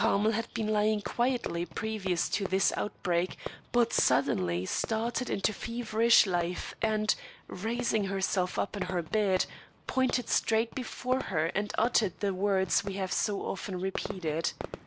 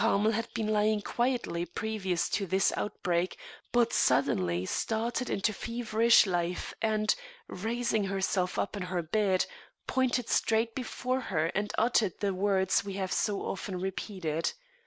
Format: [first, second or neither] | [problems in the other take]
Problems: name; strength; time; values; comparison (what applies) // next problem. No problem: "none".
second | background sound (Fireworks); 15 dB below the speech